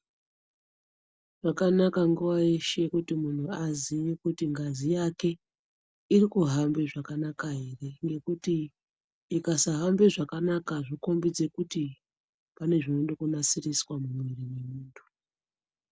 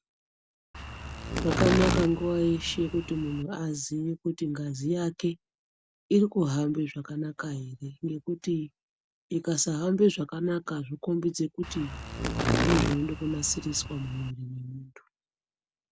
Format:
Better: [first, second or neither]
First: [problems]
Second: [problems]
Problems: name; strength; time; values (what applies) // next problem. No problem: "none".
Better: first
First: none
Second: background sound (Insect); 1 dB below the speech